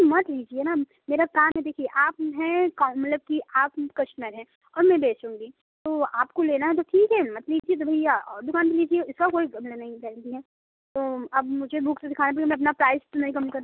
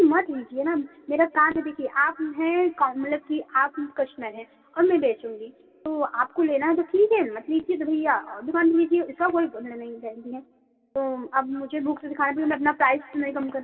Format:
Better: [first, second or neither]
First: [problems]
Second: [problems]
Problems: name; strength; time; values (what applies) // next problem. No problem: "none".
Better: first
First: none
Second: room echo; dies away in 2.7 s